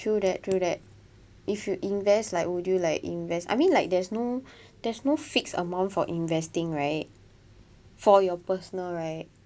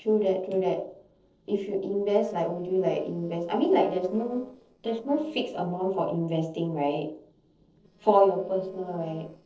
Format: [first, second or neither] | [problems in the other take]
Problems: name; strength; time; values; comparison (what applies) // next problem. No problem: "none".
first | noise reduction (neural separator model SepFormer DNS4)